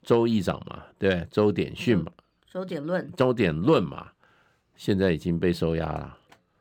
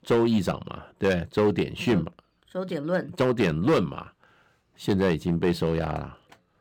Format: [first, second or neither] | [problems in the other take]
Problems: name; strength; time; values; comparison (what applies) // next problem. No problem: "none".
first | distortion; slight; 4% of the sound clipped